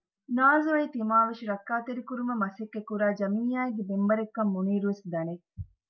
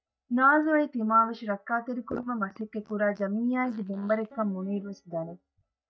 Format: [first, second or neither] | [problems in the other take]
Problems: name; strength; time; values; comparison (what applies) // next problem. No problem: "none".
first | noise reduction (neural mask model DeepFilterNet 3)